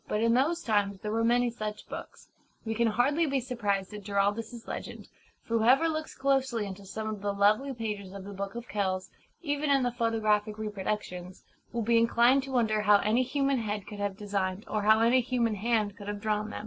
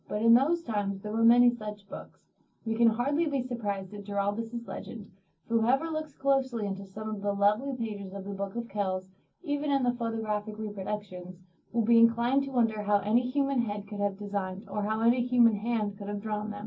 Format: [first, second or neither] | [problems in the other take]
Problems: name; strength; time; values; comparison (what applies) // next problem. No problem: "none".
first | room echo; dies away in 0.4 s